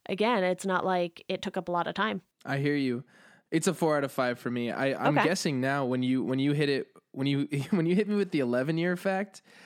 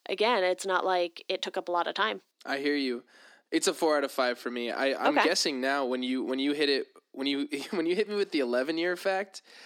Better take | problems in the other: first | thin; very slightly; fading below 250 Hz

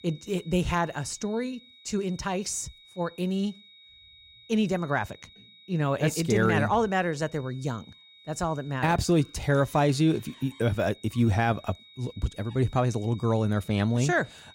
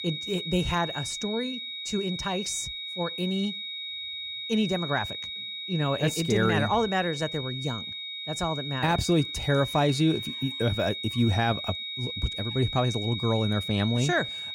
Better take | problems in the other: first | high-pitched whine; loud; throughout; 4 kHz, 5 dB below the speech; faint in the first

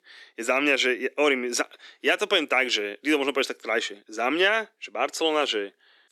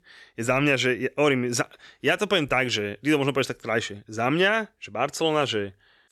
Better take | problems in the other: second | thin; very slightly; fading below 250 Hz

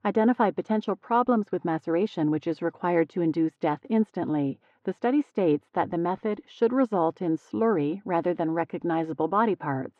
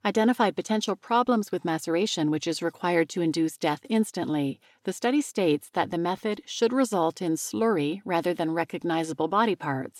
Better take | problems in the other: second | muffled; very; fading above 1.5 kHz

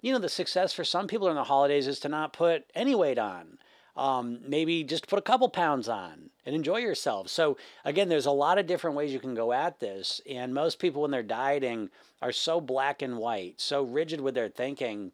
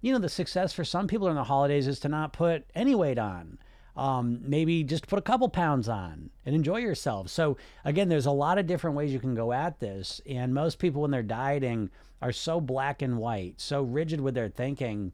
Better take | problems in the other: second | thin; somewhat; fading below 400 Hz

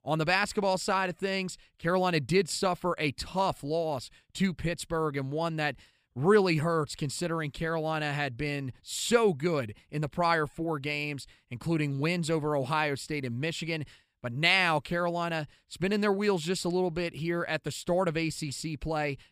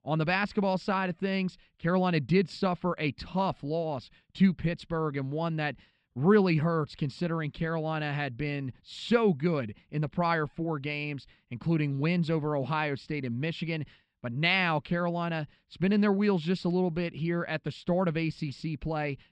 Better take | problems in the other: first | muffled; very slightly; fading above 4 kHz

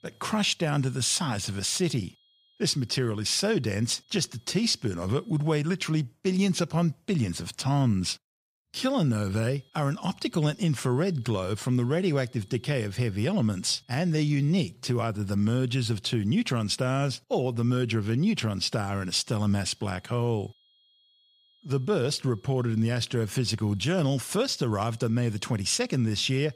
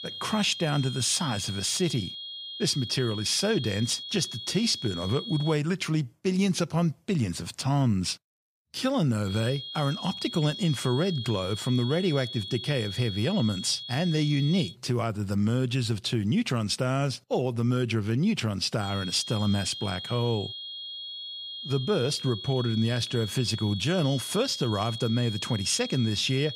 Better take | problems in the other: first | high-pitched whine; loud; until 5.5 s, from 9.5 to 15 s and from 19 s on; 3.5 kHz, 8 dB below the speech; faint in the first

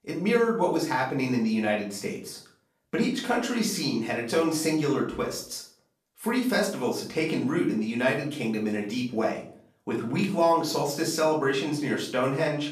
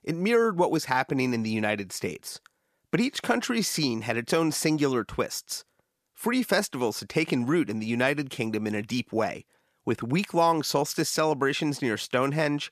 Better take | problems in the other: second | room echo; slight; dies away in 0.4 s // off-mic speech; far

